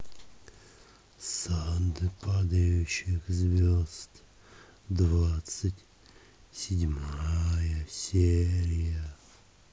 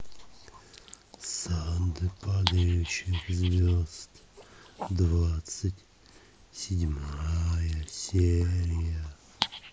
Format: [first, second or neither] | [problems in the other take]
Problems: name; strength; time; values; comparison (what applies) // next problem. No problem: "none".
first | background sound (Dog); 14 dB below the speech